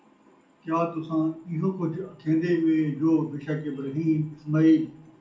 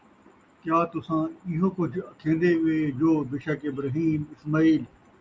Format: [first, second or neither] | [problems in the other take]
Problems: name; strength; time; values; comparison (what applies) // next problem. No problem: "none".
second | room echo; dies away in 0.4 s